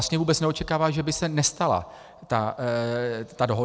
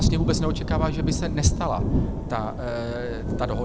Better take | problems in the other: first | background sound (Thunder / Rain); 4 dB above the speech

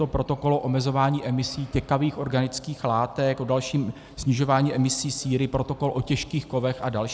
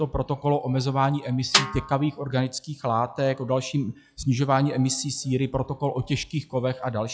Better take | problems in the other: first | noise reduction (classical method log-MMSE)

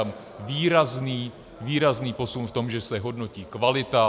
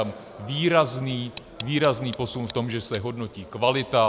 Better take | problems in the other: first | background sound (Tick); 19 dB below the speech

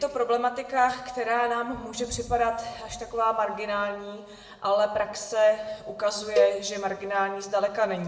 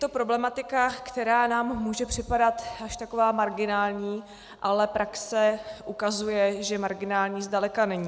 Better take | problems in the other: second | background sound (Cowbell); 6 dB below the speech // room echo; dies away in 0.7 s

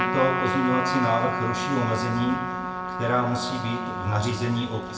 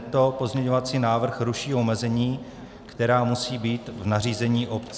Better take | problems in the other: second | background sound (Trumpet); 3 dB below the speech // room echo; dies away in 1 s

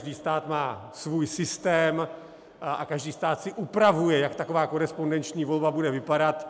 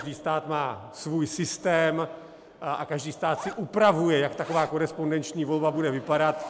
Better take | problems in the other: first | background sound (Zipper (clothing)); 20 dB below the speech

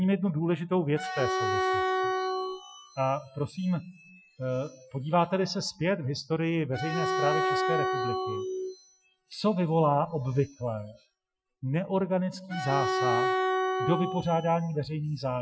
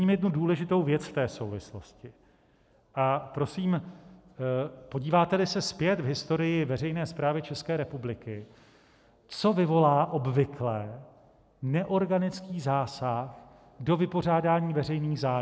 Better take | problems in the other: second | noise reduction (classical method Wiener filter)

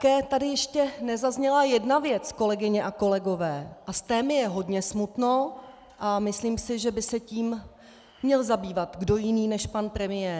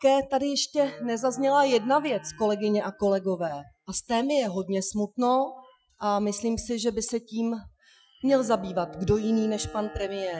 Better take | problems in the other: first | noise reduction (classical method Wiener filter)

